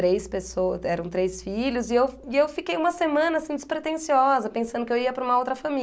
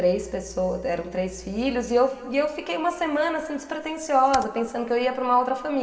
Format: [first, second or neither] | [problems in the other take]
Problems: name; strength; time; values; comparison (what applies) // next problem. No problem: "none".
first | background sound (Computer keyboard); 18 dB below the speech // room echo; dies away in 2.1 s